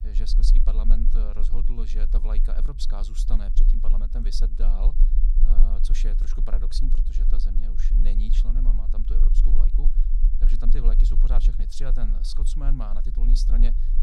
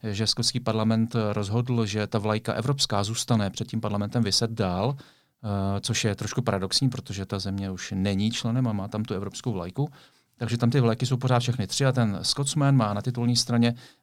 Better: second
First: low rumble; loud; throughout; 9 dB below the speech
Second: none

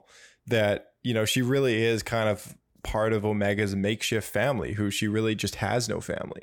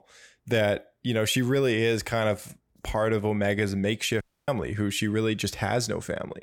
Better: first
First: none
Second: audio cutting out; at 4 s

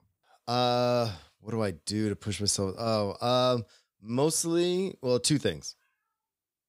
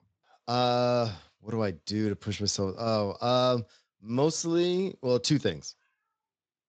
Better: first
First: none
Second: garbled, watery; slightly; nothing above 7.5 kHz

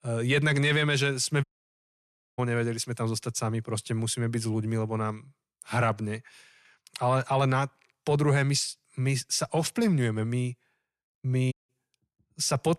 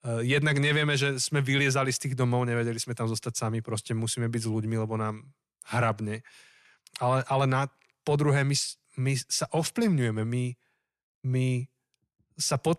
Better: second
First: audio cutting out; at 1.5 s for 1 s and at 12 s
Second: none

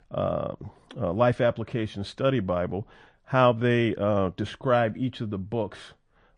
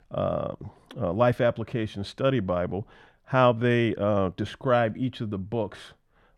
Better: second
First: garbled, watery; slightly; nothing above 9 kHz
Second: none

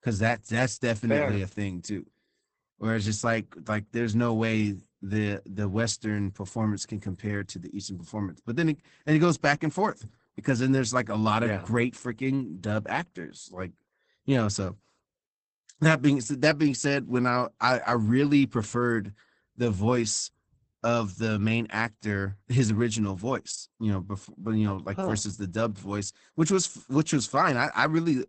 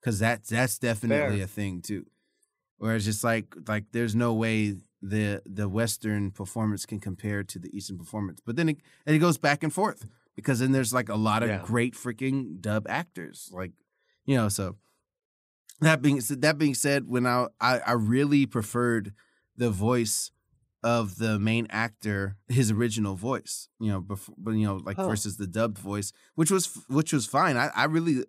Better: second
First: garbled, watery; badly; nothing above 8 kHz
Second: none

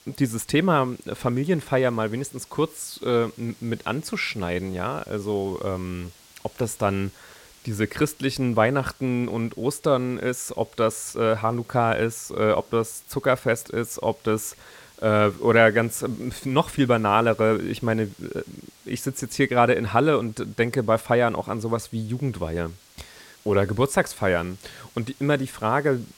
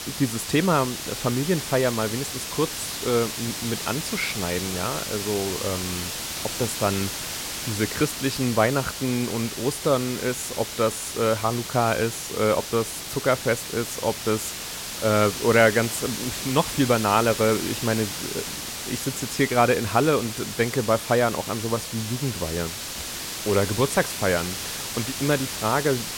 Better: first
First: hiss; faint; throughout; 25 dB below the speech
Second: hiss; loud; throughout; 5 dB below the speech

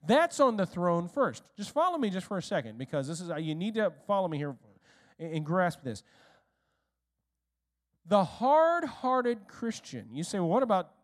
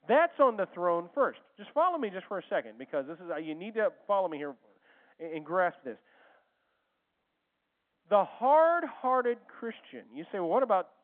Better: first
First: none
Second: phone-call audio

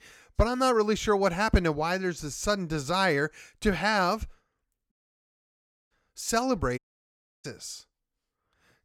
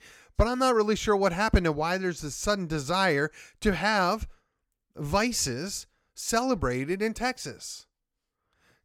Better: second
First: audio cutting out; at 5 s for 1 s and at 7 s for 0.5 s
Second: none

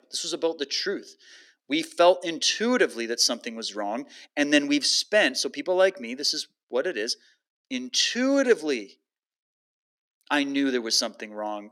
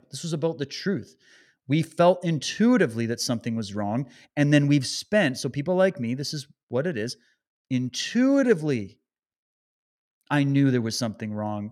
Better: second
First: thin; very slightly; fading below 300 Hz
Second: none

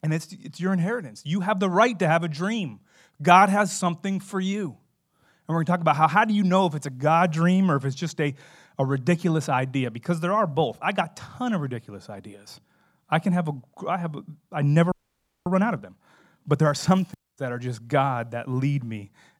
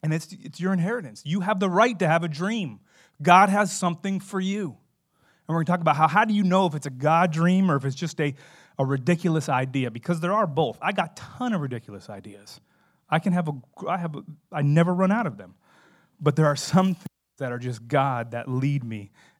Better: second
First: audio freezing; at 15 s for 0.5 s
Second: none

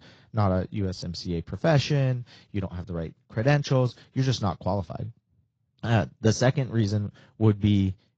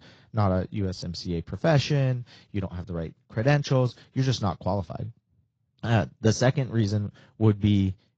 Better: neither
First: garbled, watery; slightly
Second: garbled, watery; slightly

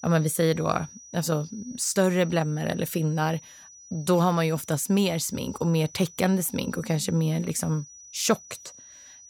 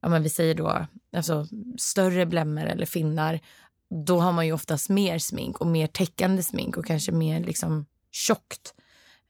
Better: second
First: high-pitched whine; noticeable; throughout; 6 kHz, 20 dB below the speech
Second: none

